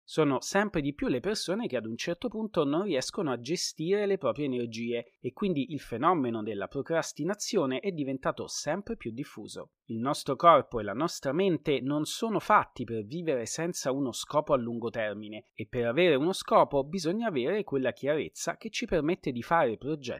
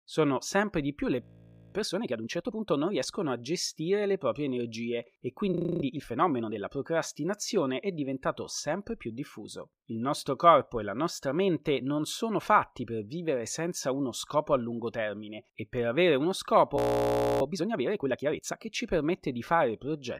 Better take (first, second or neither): first